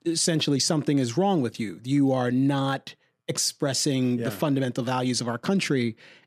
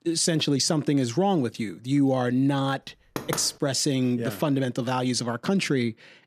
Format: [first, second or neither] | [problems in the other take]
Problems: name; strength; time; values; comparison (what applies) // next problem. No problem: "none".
first | door banging; noticeable; at 3 s; peak 8 dB below the speech